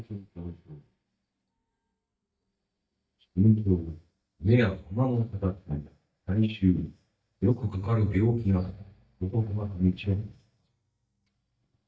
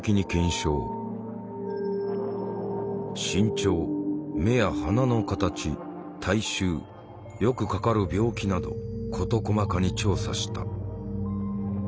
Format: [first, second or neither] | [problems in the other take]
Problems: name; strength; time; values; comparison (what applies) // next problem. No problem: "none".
second | noise reduction (neural mask model DeepFilterNet 3)